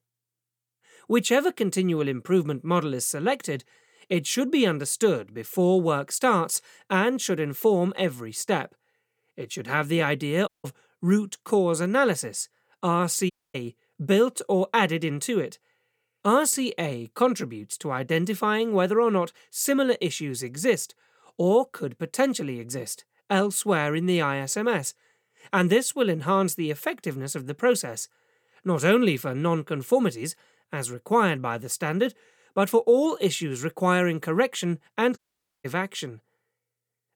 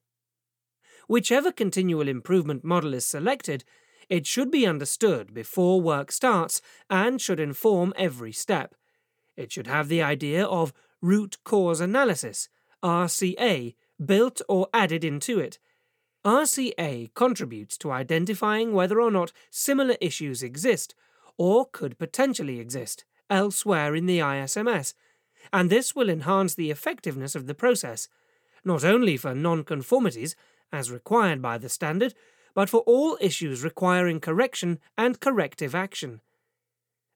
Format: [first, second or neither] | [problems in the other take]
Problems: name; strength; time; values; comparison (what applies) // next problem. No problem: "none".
second | audio cutting out; at 10 s, at 13 s and at 35 s